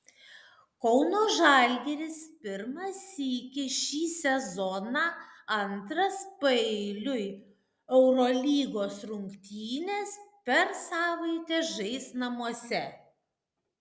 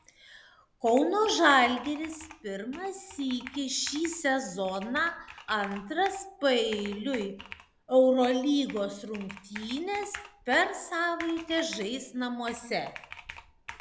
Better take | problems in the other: first | background sound (Computer keyboard); 18 dB below the speech

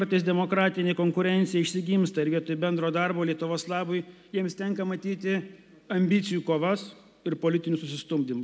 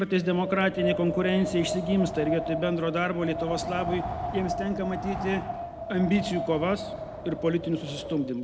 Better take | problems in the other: first | background sound (Wind); 6 dB below the speech

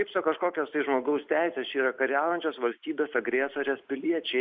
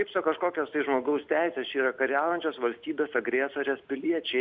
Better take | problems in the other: second | noise reduction (neural mask model Resemble Enhance denoiser)

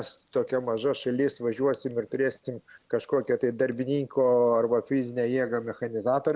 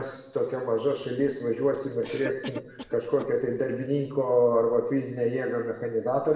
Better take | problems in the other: first | background sound (Cough); 16 dB below the speech // room echo; dies away in 0.8 s

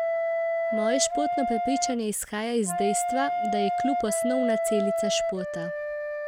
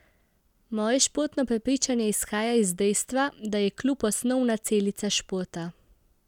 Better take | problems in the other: second | background sound (Wind instrument, woodwind instrument); 2 dB above the speech

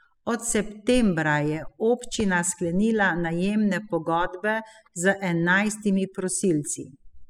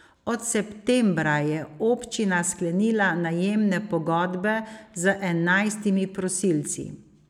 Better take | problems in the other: second | noise reduction (classical method spectral subtraction)

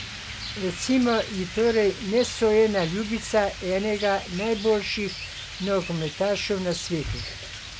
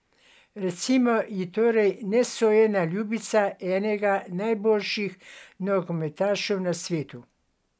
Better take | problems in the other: second | background sound (Rain); 11 dB below the speech

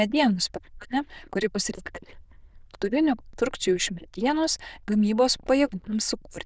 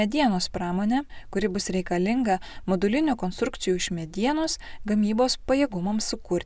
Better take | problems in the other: second | noise reduction (neural diffusion model UNIVERSE++)

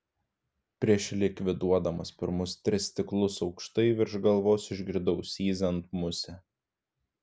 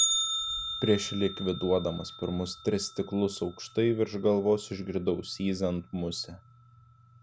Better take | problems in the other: first | background sound (Bell); 7 dB below the speech

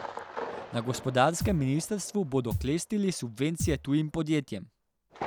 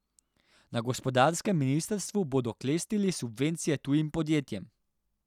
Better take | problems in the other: second | background sound (Thump, thud + Thunder); 9 dB below the speech

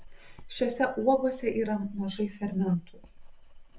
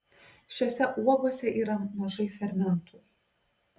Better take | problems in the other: second | background sound (Writing); 16 dB below the speech

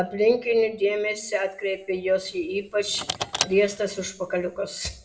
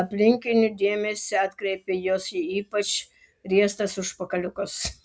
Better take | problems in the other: second | background sound (Car); 10 dB below the speech // room echo; dies away in 0.5 s

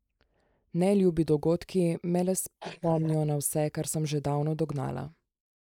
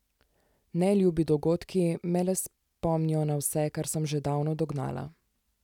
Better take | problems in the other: second | noise reduction (neural mask model Resemble Enhance denoiser)

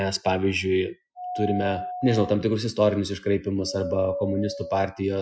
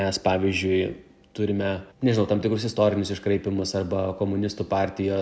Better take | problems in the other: second | noise reduction (classical method Wiener filter)

